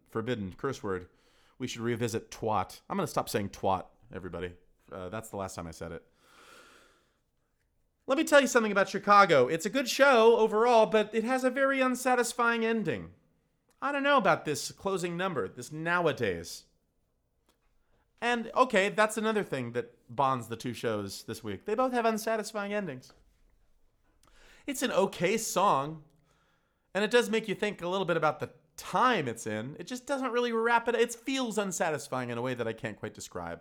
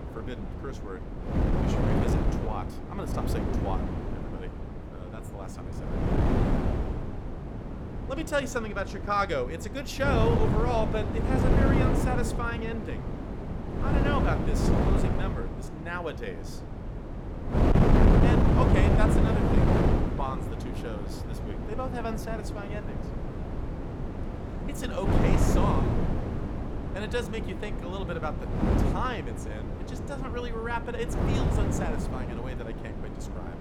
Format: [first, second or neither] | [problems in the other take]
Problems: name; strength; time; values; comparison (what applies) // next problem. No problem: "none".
first | wind noise on the microphone; heavy; 1 dB below the speech